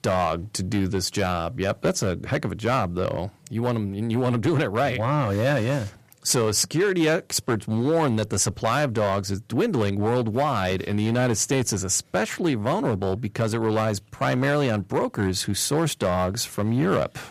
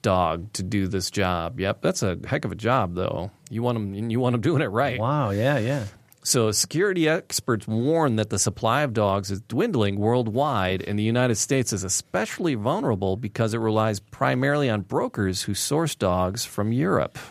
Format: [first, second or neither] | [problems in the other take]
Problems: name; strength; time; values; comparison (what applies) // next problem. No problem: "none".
second | distortion; slight; 6% of the sound clipped